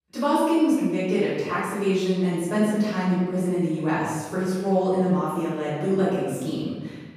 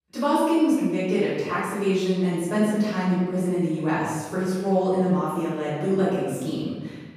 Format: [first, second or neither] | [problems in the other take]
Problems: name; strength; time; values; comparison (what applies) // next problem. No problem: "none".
neither | off-mic speech; far; the same in both // room echo; strong; dies away in 1.2 s; the same in both